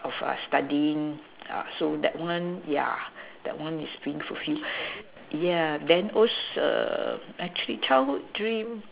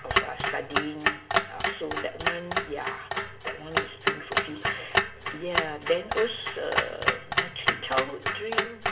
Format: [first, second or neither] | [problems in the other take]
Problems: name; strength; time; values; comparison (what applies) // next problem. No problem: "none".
first | background sound (Clock); 4 dB above the speech // room echo; dies away in 0.6 s